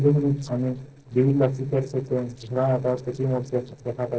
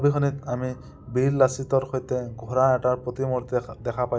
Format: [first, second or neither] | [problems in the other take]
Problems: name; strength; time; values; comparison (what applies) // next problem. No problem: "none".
second | noise reduction (neural separator model SepFormer DNS4)